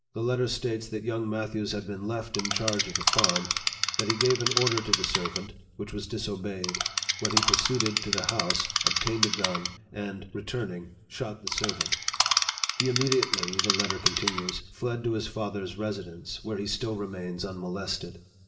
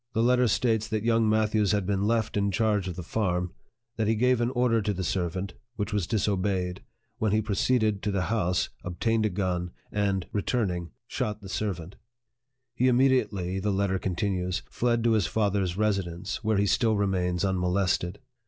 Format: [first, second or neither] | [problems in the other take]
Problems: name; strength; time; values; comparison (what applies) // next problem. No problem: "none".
second | background sound (Insect); 3 dB above the speech // room echo; dies away in 1.4 s